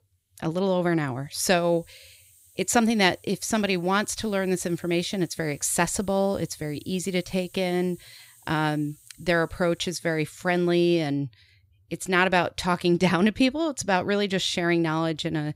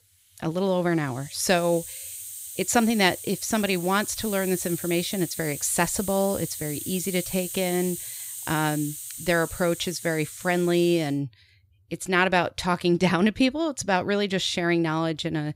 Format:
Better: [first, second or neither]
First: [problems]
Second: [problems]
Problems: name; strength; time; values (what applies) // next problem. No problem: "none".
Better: first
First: hiss; faint; until 11 s; 30 dB below the speech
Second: hiss; loud; until 11 s; 9 dB below the speech